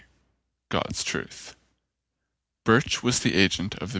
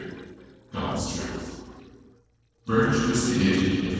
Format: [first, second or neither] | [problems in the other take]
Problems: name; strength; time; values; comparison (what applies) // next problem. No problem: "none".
first | noise reduction (neural separator model SepFormer DNS4)